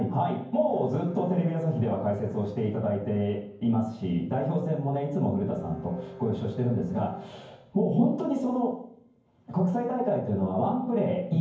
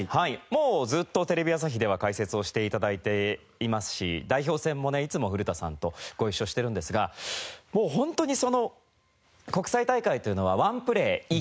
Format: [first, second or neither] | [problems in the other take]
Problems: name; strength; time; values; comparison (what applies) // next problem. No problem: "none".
second | background sound (Bowed string instrument); 19 dB below the speech // room echo; dies away in 0.9 s